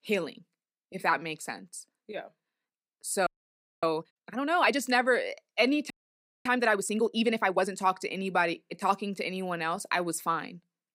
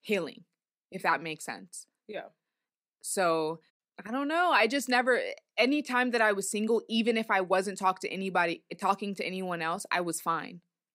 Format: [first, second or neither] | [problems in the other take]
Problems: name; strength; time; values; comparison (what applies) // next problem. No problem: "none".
second | audio freezing; at 3.5 s for 0.5 s and at 6 s for 0.5 s